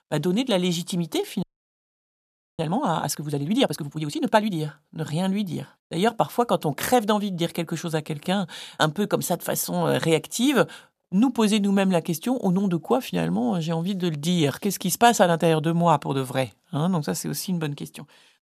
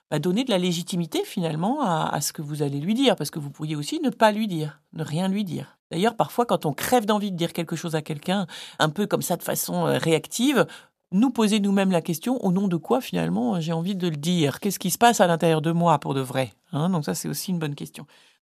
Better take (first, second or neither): second